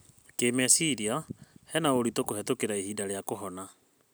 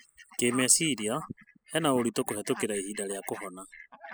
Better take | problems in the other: first | noise reduction (classical method spectral subtraction)

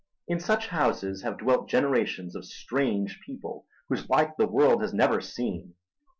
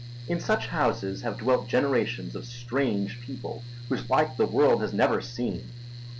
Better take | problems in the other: first | background sound (Mechanical fan); 12 dB below the speech

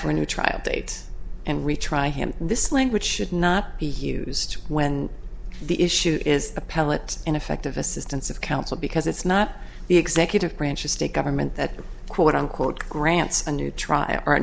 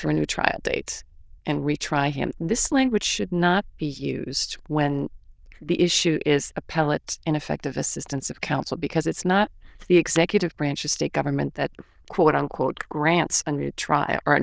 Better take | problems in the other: first | noise reduction (neural diffusion model UNIVERSE++)

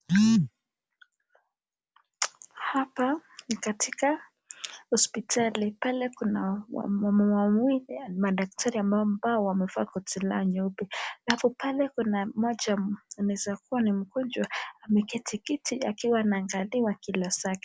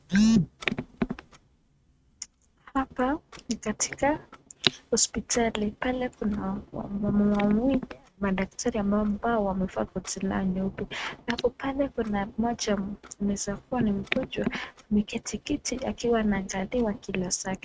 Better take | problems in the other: first | noise reduction (neural mask model RNNoise)

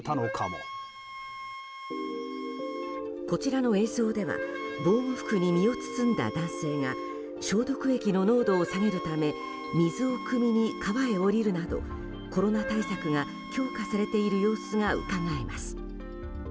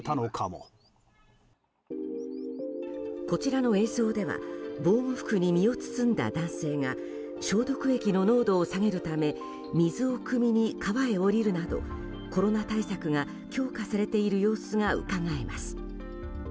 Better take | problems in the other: second | background sound (Wind instrument, woodwind instrument); 12 dB below the speech

